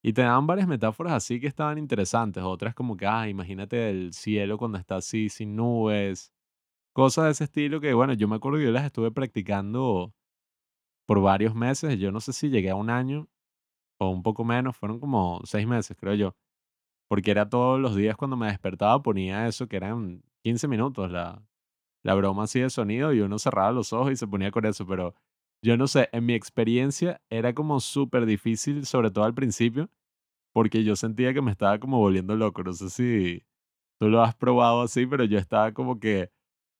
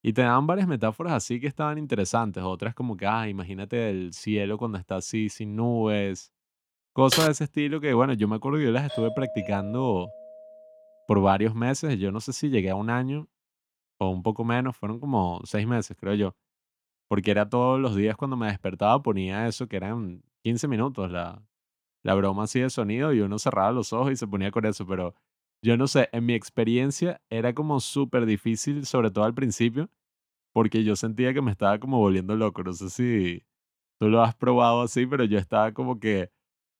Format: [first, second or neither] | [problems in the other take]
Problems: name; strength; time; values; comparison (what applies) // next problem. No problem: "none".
first | keyboard typing; loud; at 7 s; peak 1 dB above the speech // doorbell; noticeable; from 9 to 11 s; peak 8 dB below the speech